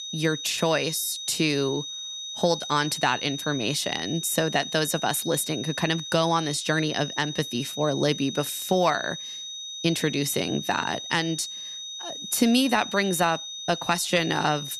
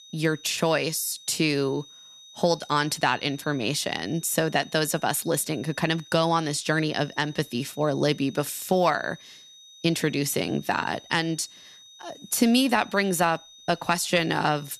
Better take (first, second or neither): second